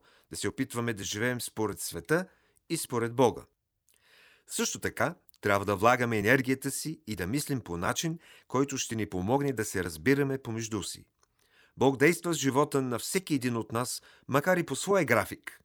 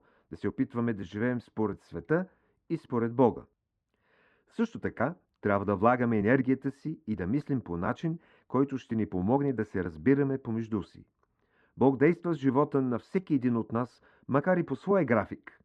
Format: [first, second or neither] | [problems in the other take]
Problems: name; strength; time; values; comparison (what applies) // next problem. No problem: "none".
first | muffled; very; fading above 1.5 kHz